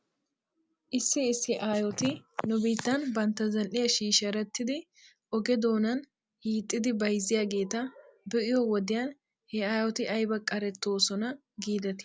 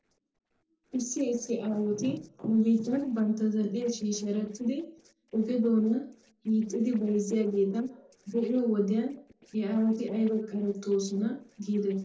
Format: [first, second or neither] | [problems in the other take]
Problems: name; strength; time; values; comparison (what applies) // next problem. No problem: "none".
first | noise reduction (neural separator model SepFormer DNS4)